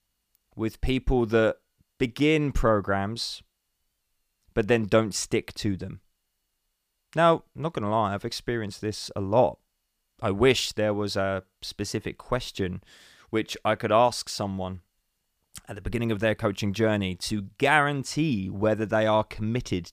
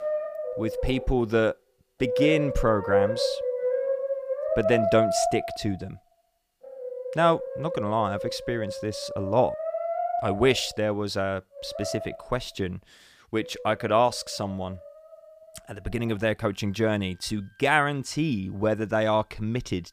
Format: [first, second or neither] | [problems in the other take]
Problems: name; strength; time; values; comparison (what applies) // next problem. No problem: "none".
first | background music; loud; throughout; 3 dB below the speech